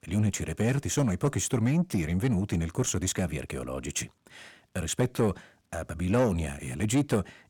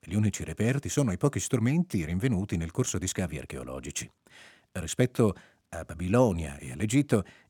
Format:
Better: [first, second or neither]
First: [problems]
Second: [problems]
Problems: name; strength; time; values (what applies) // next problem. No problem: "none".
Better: second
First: distortion; slight; 10 dB below the speech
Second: none